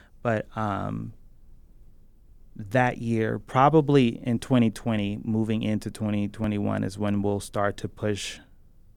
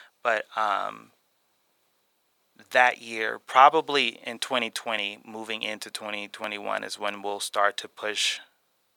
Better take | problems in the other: first | thin; very; fading below 900 Hz

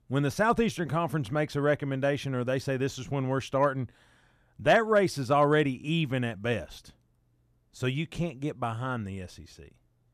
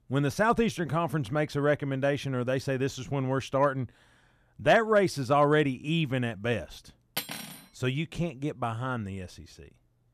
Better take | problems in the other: first | clattering dishes; noticeable; at 7 s; peak 6 dB below the speech

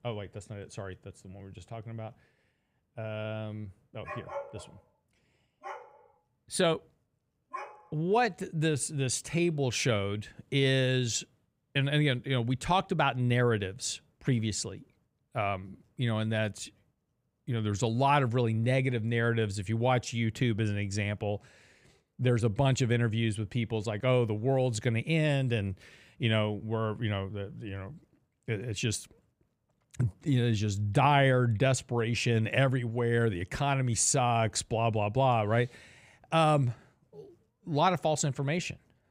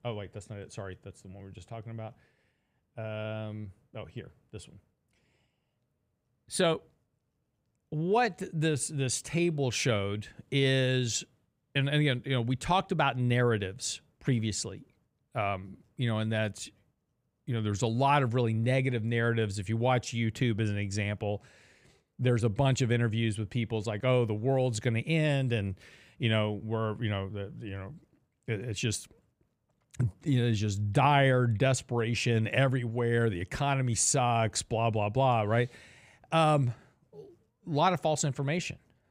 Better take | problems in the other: second | dog barking; faint; from 4 to 8 s; peak 10 dB below the speech

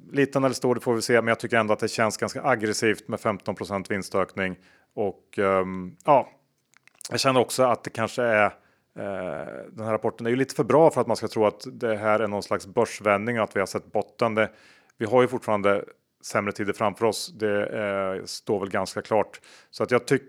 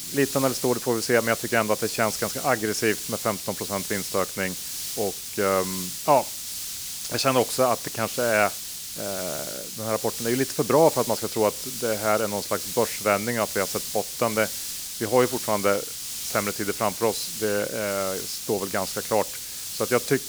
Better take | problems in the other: first | hiss; loud; throughout; 5 dB below the speech

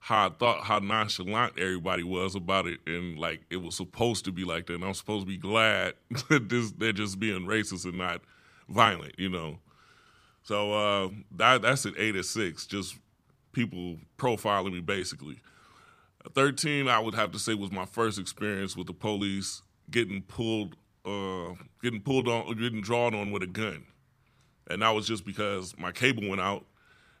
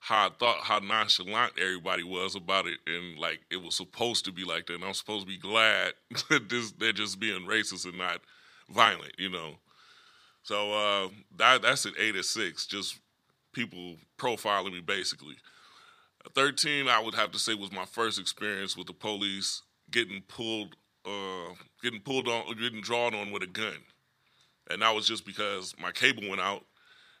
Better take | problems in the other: first | thin; very slightly; fading below 450 Hz

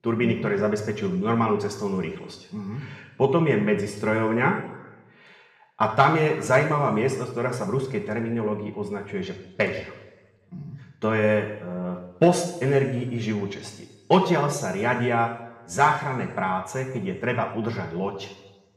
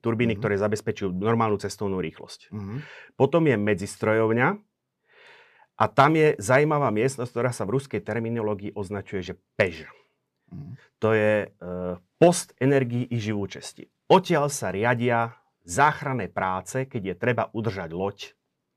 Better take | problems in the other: second | room echo; noticeable; dies away in 1.1 s // off-mic speech; somewhat distant

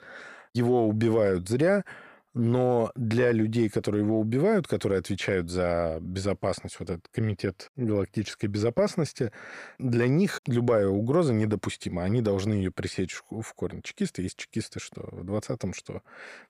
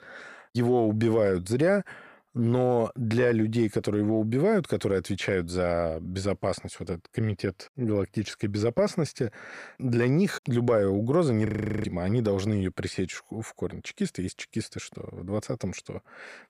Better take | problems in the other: first | audio freezing; at 11 s

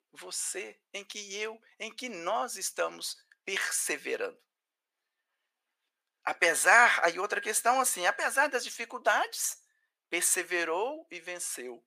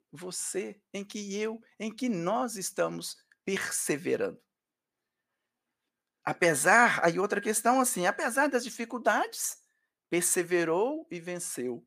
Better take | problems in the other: second | thin; somewhat; fading below 550 Hz

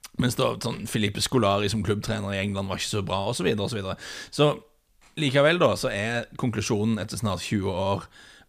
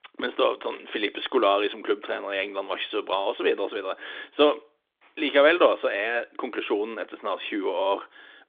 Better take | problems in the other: first | phone-call audio; nothing above 3.5 kHz

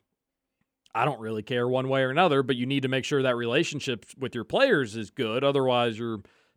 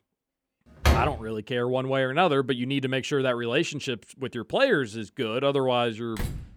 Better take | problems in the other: first | door banging; loud; at 1 s; peak 2 dB above the speech // door banging; noticeable; at 6 s; peak 9 dB below the speech

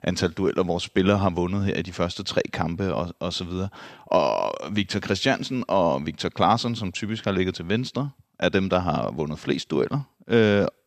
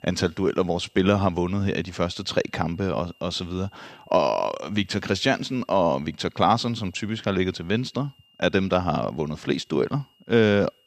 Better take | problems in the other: first | high-pitched whine; faint; throughout; 3 kHz, 35 dB below the speech

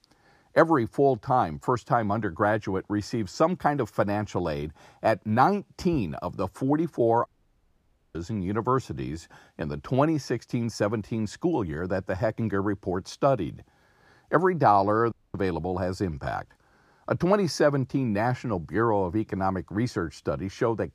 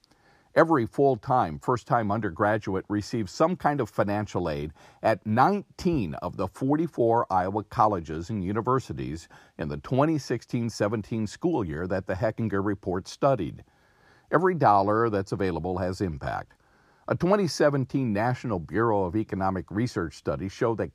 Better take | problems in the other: second | audio cutting out; at 7.5 s for 1 s and at 15 s

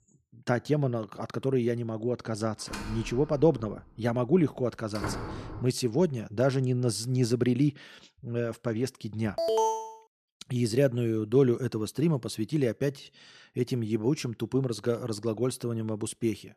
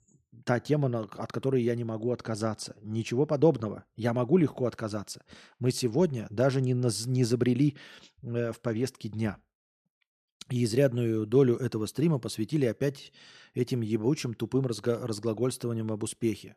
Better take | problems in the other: second | door banging; noticeable; from 2.5 to 5.5 s; peak 6 dB below the speech // alarm; loud; at 9.5 s; peak 3 dB above the speech

